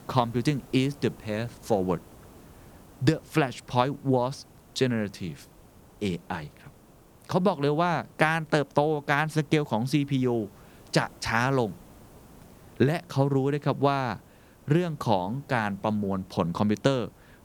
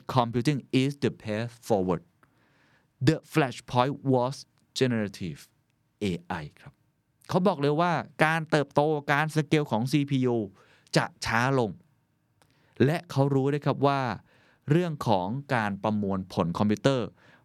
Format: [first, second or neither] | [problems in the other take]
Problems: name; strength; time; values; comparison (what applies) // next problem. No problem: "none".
second | hiss; faint; throughout; 25 dB below the speech